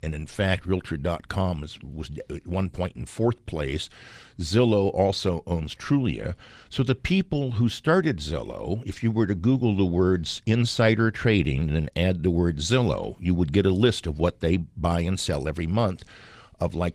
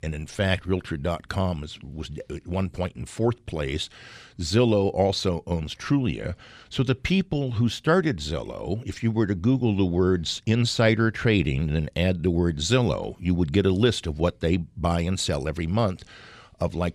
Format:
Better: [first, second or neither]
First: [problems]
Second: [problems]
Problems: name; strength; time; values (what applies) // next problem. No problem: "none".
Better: second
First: garbled, watery; slightly; nothing above 15 kHz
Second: none